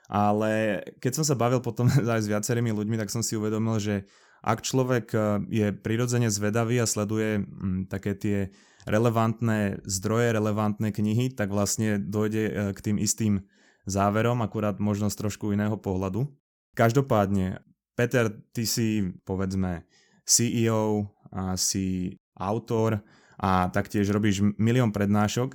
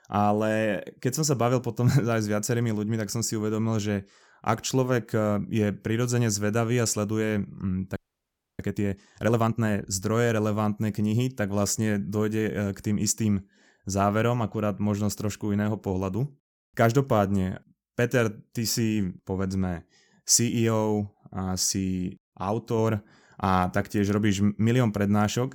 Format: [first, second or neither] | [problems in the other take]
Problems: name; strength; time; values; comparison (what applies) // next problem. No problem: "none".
first | audio freezing; at 8 s for 0.5 s